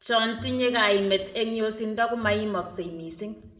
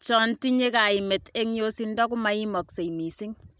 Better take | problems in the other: second | background sound (Bowed string instrument); 18 dB below the speech // room echo; dies away in 0.7 s

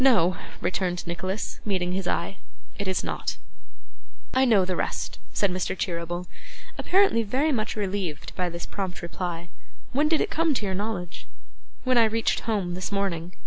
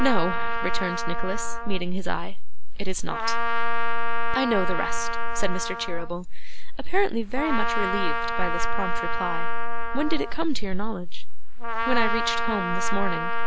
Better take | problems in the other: first | background sound (Trumpet); 11 dB below the speech

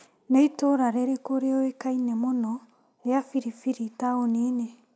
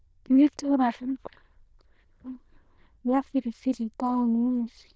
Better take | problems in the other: first | noise reduction (neural diffusion model UNIVERSE++)

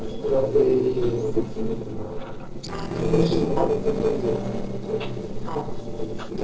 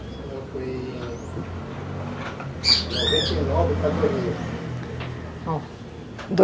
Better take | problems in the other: second | noise reduction (neural separator model SepFormer DNS4)

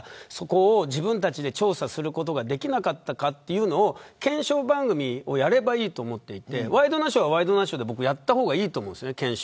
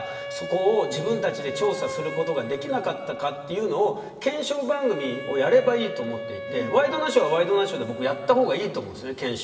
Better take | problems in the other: first | background sound (Wind instrument, woodwind instrument); 10 dB below the speech // room echo; dies away in 2.6 s

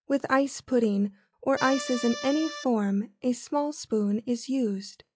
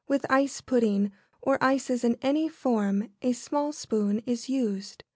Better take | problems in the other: second | noise reduction (classical method log-MMSE)

